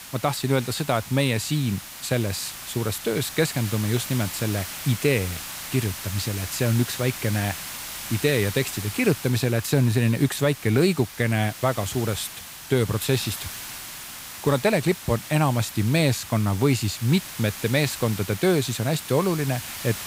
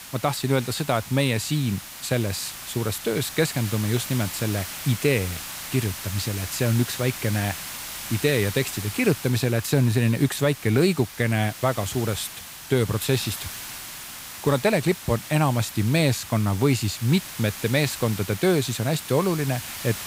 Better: neither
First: hiss; noticeable; throughout; 10 dB below the speech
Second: hiss; noticeable; throughout; 10 dB below the speech

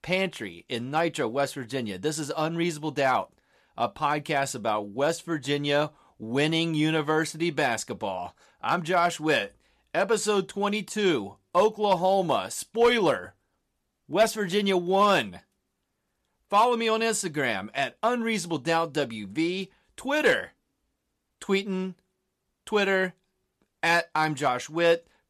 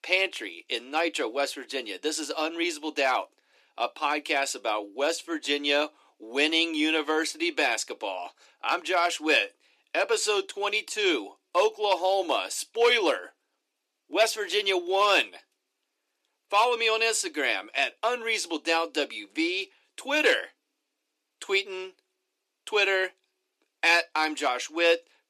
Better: first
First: none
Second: thin; somewhat; fading below 300 Hz

